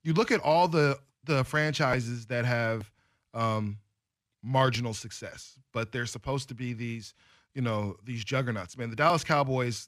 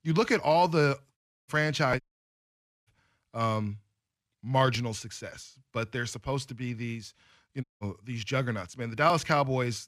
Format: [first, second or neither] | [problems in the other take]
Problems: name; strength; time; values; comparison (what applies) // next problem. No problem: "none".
first | audio cutting out; at 1 s, at 2 s for 1 s and at 7.5 s